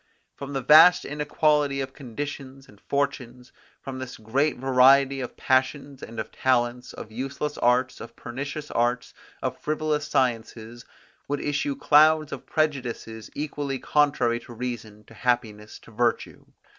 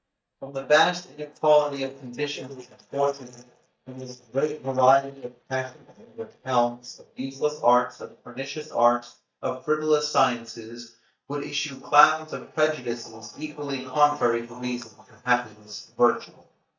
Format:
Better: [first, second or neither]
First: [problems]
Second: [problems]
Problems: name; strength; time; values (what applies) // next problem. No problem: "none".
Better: first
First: none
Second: noise reduction (neural mask model DeepFilterNet 3)